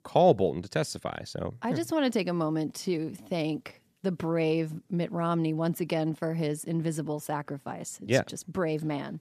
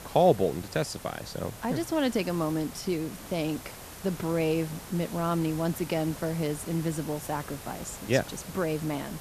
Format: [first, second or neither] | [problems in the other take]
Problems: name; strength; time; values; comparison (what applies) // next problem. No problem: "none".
first | hiss; noticeable; throughout; 15 dB below the speech